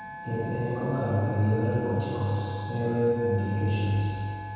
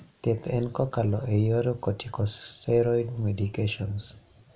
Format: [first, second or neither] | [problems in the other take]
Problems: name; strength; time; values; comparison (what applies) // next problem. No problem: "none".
second | background sound (Wind instrument, woodwind instrument); 13 dB below the speech // room echo; dies away in 2.1 s